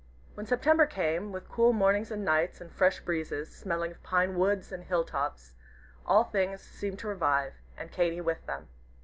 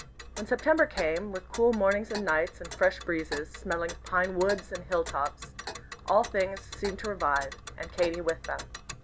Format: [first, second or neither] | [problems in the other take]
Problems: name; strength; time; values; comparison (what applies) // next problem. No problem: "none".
first | background sound (Tick); 14 dB below the speech